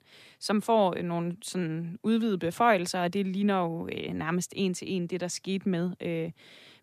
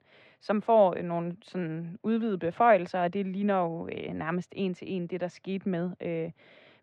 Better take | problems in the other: first | muffled; very; fading above 2 kHz

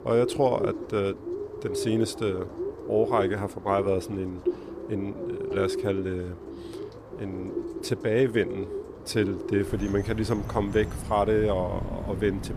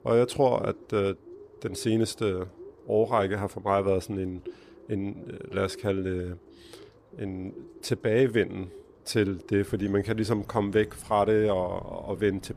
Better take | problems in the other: second | animal sounds; loud; throughout; 7 dB below the speech; faint in the second

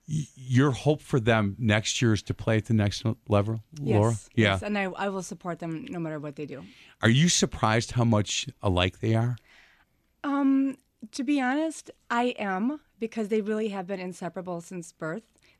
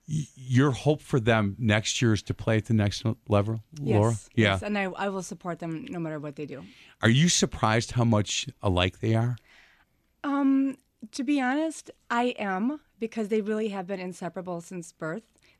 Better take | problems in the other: neither | none

